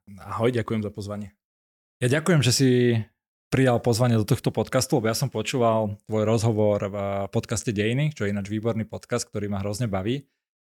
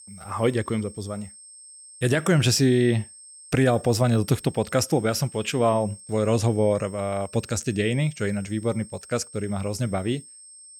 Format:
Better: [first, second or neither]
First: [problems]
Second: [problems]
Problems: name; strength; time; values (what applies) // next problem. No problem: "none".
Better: first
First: none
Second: high-pitched whine; noticeable; throughout; 8.5 kHz, 20 dB below the speech